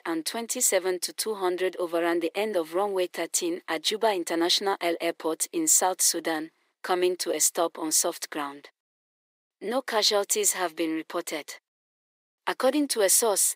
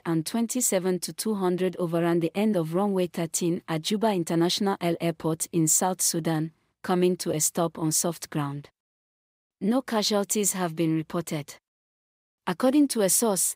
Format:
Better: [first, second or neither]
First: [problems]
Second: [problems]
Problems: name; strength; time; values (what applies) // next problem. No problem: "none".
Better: second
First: thin; somewhat; fading below 350 Hz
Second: none